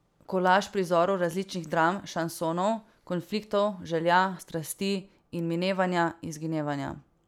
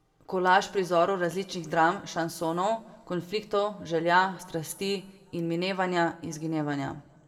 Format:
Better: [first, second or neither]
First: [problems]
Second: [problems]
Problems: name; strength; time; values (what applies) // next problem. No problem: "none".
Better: first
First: none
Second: room echo; dies away in 1.1 s